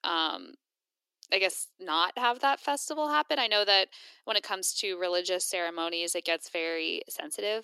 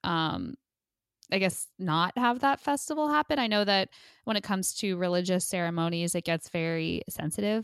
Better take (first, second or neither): second